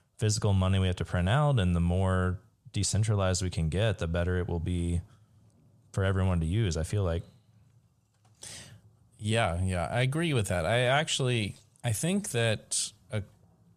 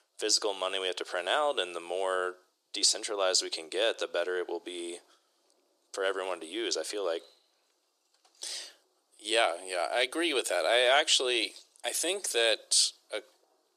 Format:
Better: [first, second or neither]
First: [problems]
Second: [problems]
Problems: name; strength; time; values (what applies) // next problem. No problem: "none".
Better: first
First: none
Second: thin; very; fading below 300 Hz